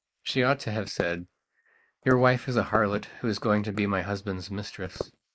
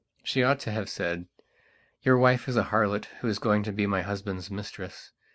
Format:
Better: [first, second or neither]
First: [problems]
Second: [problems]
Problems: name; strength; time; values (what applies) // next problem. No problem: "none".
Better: second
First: noise reduction (neural mask model Resemble Enhance denoiser)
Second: none